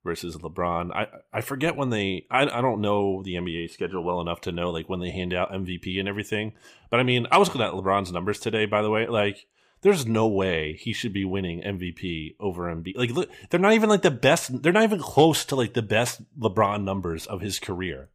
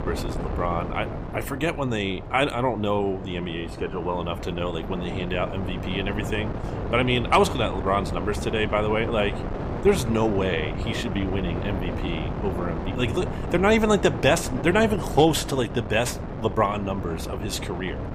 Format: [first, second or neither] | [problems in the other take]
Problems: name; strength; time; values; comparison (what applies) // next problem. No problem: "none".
first | wind noise on the microphone; heavy; 10 dB below the speech